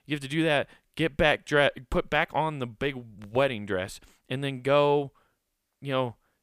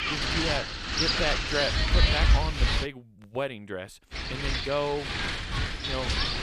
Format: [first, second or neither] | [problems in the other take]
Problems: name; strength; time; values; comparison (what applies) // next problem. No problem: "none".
first | wind noise on the microphone; heavy; until 3 s and from 4 s on; 4 dB above the speech